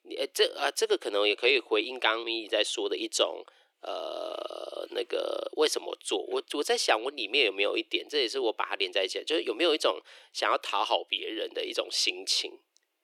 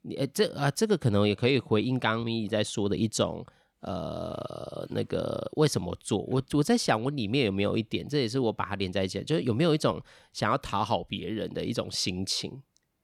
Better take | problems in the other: second | thin; very; fading below 350 Hz

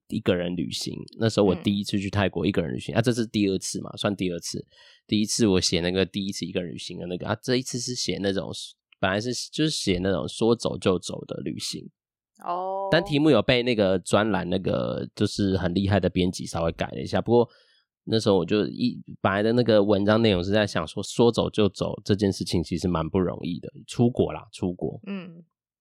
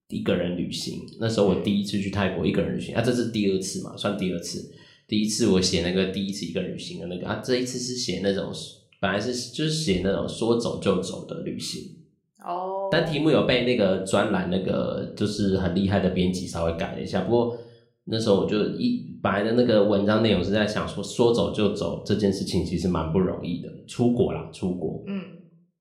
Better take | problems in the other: first | room echo; slight; dies away in 0.5 s

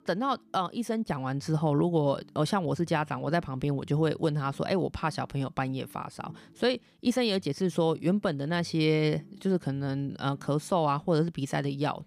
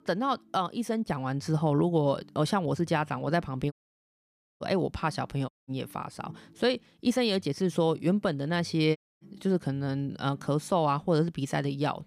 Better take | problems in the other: first | audio cutting out; at 3.5 s for 1 s, at 5.5 s and at 9 s

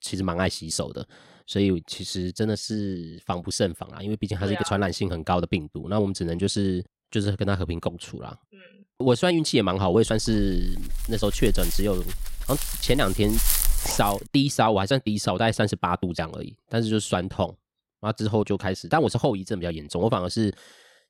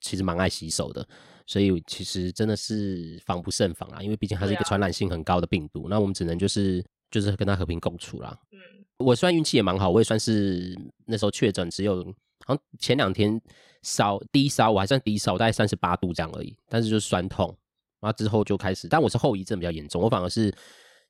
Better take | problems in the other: second | dog barking; loud; from 10 to 14 s; peak 4 dB above the speech

